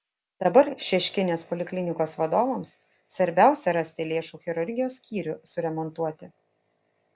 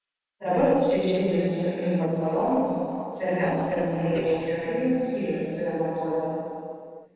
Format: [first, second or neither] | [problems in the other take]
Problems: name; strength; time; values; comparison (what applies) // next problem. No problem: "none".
first | noise reduction (neural separator model SepFormer DNS4)